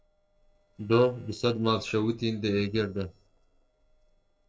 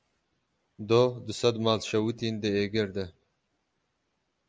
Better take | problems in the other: second | noise reduction (neural separator model SepFormer DNS4)

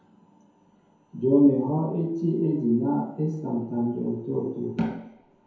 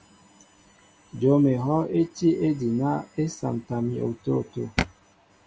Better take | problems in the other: second | room echo; dies away in 0.9 s

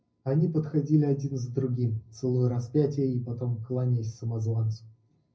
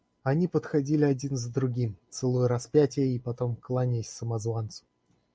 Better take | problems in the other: second | room echo; dies away in 0.4 s

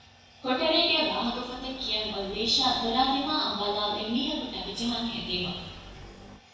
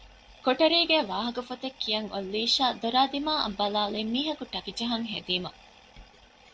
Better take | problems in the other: second | background sound (Motorcycle); 18 dB below the speech // room echo; dies away in 1 s

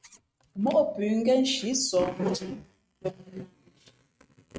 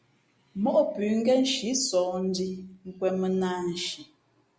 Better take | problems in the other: second | noise reduction (neural mask model RNNoise)

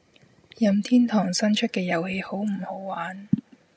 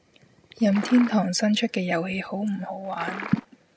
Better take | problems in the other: first | background sound (Liquid); 10 dB below the speech

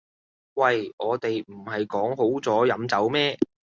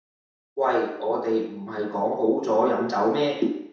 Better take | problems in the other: first | room echo; dies away in 0.7 s

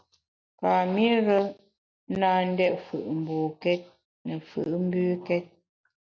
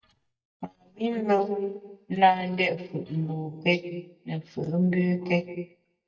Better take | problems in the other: first | noise reduction (neural mask model DeepFilterNet 3)

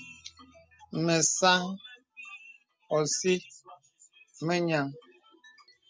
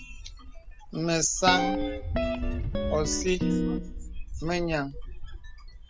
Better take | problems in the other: first | background sound (Wind + Guitar); as loud as the speech

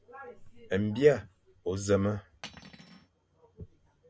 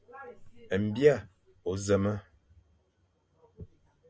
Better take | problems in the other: second | background sound (Cutlery, silverware); 17 dB below the speech

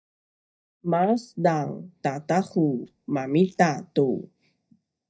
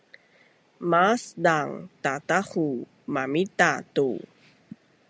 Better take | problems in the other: second | noise reduction (neural mask model DeepFilterNet 3)

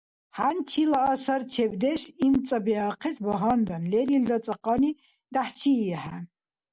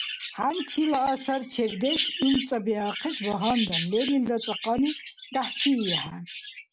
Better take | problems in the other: first | background sound (Chirp, tweet); 7 dB below the speech

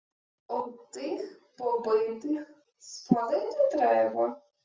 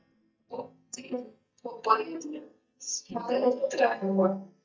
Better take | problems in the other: first | noise reduction (neural mask model DeepFilterNet 3)

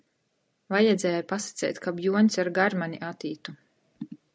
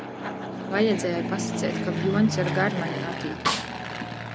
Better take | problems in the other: first | background sound (Fixed-wing aircraft, airplane + Snare drum); 1 dB below the speech

